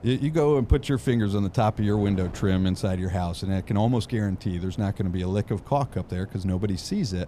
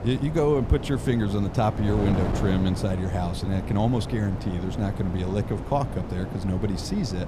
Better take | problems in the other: first | wind noise on the microphone; heavy; 7 dB below the speech; occasional gusts in the first

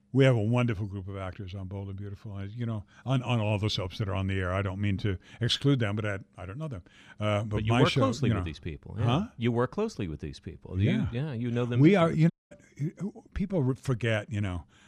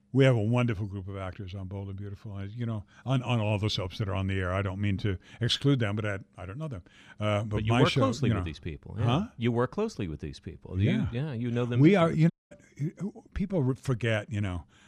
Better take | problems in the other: neither | audio cutting out; at 12 s; the same in both

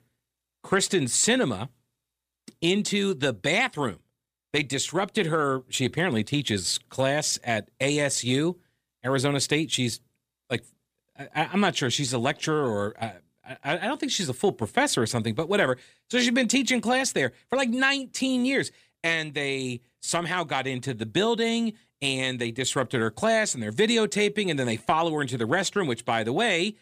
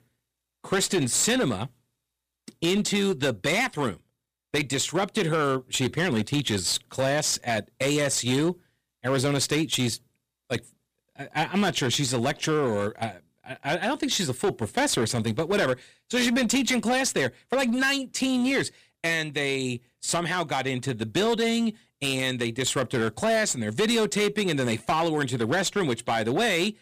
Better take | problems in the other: first | distortion; slight; 10% of the sound clipped

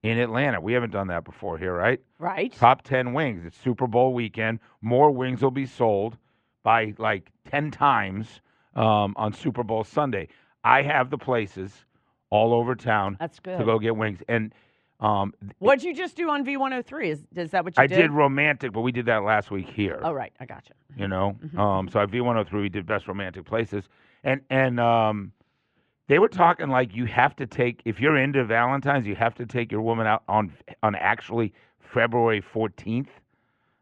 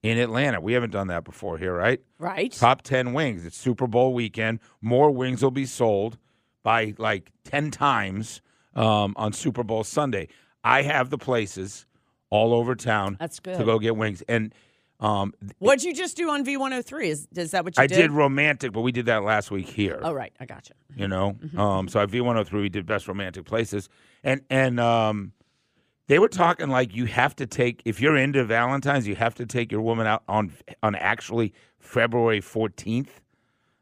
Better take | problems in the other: second | muffled; very; fading above 2.5 kHz

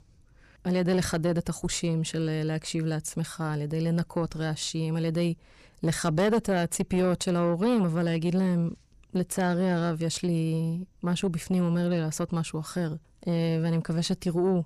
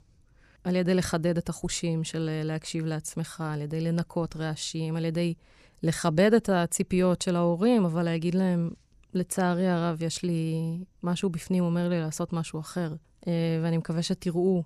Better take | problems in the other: second | distortion; slight; 10 dB below the speech

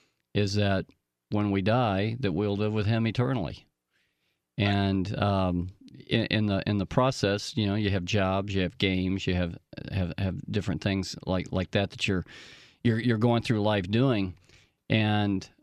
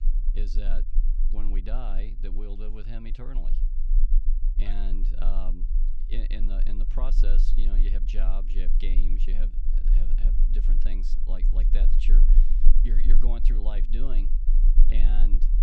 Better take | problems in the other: first | low rumble; loud; throughout; 9 dB below the speech

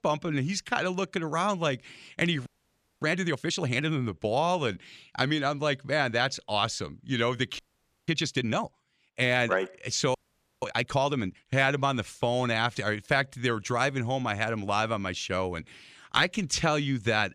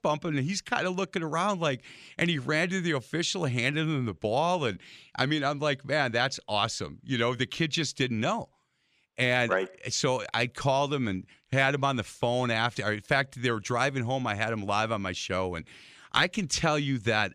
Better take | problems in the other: second | audio freezing; at 2.5 s for 0.5 s, at 7.5 s and at 10 s

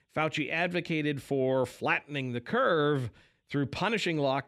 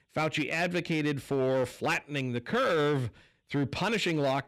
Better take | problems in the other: first | distortion; slight; 9% of the sound clipped

